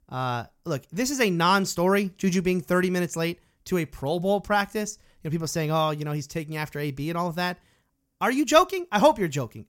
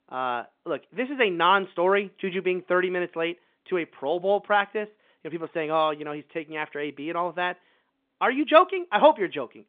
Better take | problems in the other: first | phone-call audio

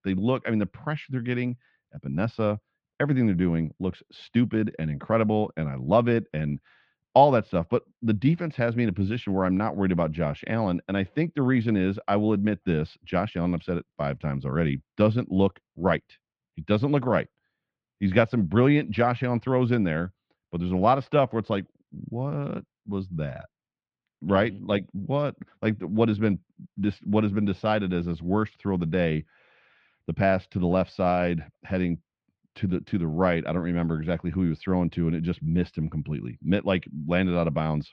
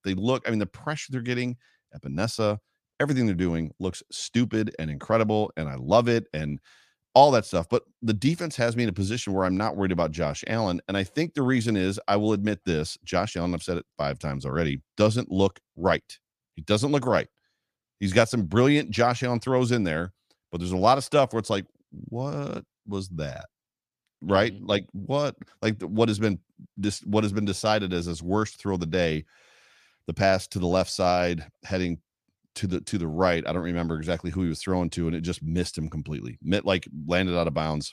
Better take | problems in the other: second | muffled; very; fading above 3 kHz

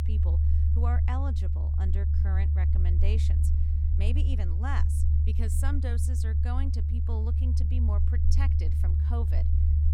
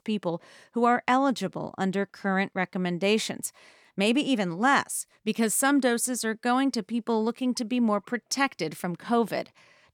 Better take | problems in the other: second | low rumble; loud; throughout; 1 dB below the speech

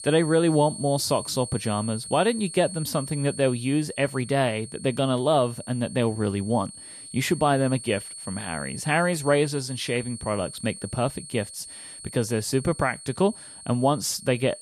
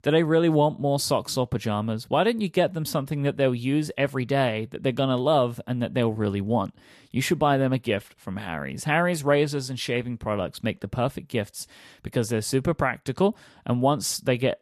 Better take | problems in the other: second | high-pitched whine; noticeable; throughout; 8.5 kHz, 10 dB below the speech

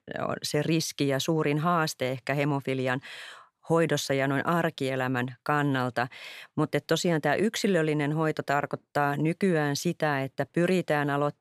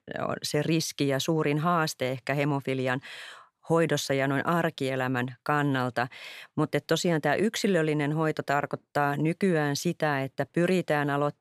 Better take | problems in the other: neither | none

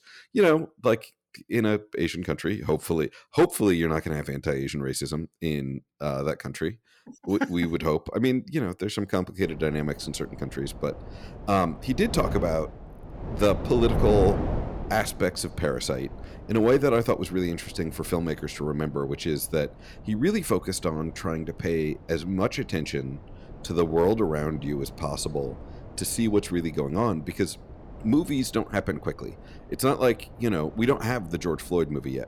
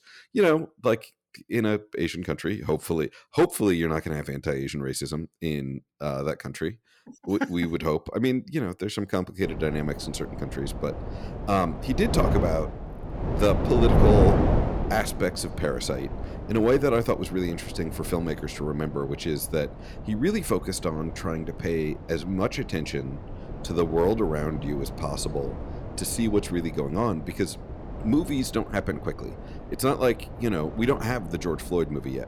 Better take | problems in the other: first | wind noise on the microphone; heavy; from 9.5 s on; 8 dB below the speech; occasional gusts in the first

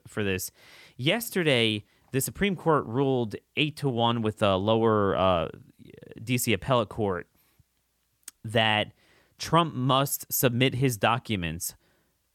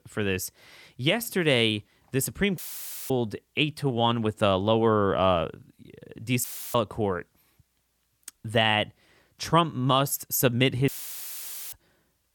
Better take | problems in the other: first | audio cutting out; filled with static; at 2.5 s for 0.5 s, at 6.5 s and at 11 s for 1 s

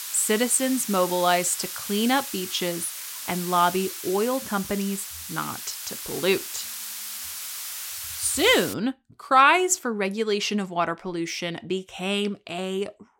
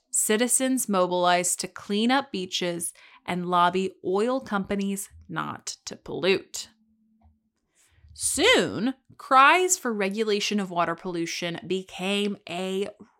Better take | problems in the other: second | hiss; loud; until 8.5 s; 8 dB below the speech

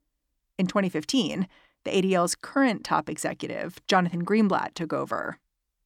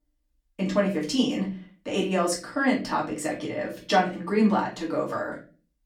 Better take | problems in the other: first | room echo; slight; dies away in 0.3 s // off-mic speech; far

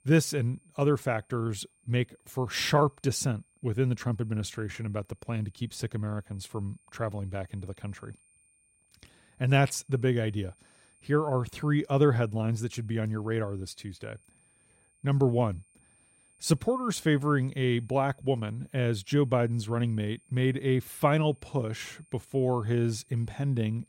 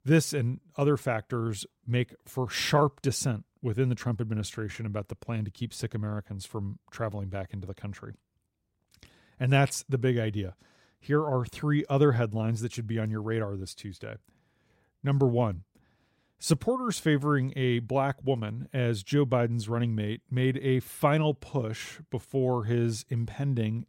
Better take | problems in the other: second | high-pitched whine; faint; throughout; 9 kHz, 35 dB below the speech

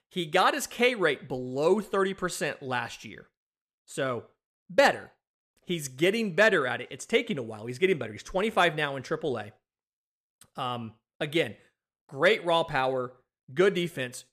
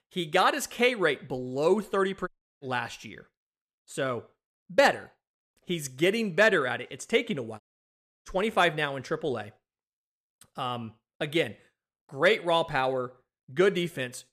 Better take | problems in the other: first | audio cutting out; at 2.5 s and at 7.5 s for 0.5 s

